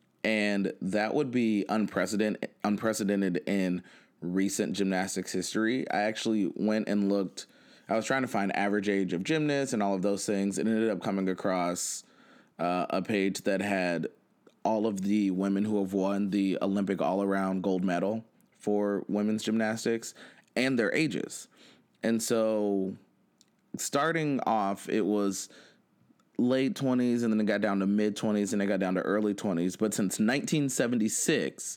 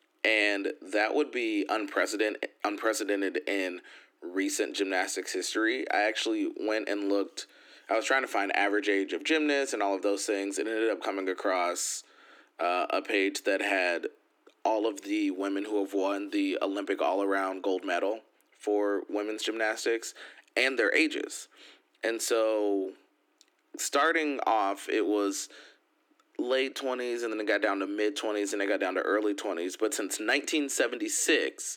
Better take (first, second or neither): first